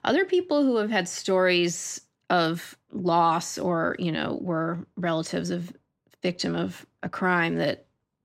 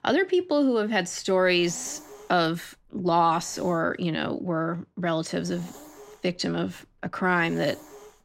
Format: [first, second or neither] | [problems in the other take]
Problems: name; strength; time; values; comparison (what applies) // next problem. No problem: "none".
first | hiss; faint; from 1 to 4 s and from 5.5 s on; 20 dB below the speech